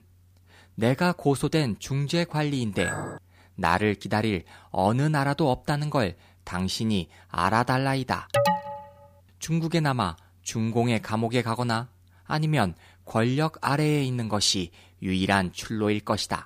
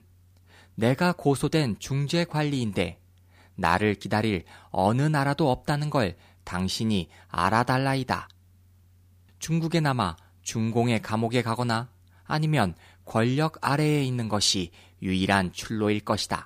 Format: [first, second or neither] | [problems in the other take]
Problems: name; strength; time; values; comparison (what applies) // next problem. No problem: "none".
second | clattering dishes; noticeable; at 3 s; peak 5 dB below the speech // alarm; loud; at 8.5 s; peak 2 dB above the speech